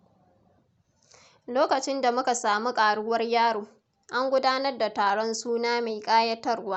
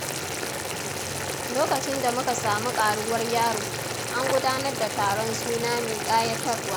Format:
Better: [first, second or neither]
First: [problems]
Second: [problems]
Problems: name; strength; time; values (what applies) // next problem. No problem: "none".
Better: first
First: none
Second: background sound (Boiling); 3 dB below the speech